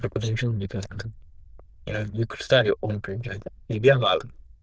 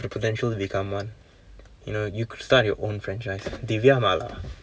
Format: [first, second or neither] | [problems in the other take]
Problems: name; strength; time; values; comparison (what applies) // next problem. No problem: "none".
second | noise reduction (neural diffusion model UNIVERSE++)